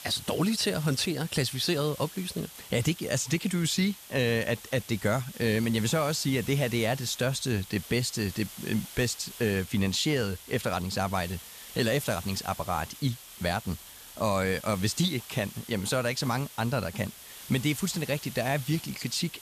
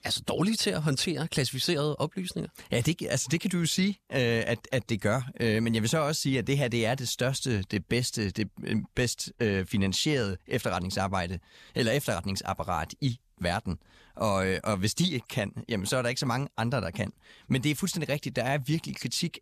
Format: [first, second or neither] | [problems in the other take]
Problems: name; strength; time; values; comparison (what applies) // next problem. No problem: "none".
second | hiss; noticeable; throughout; 15 dB below the speech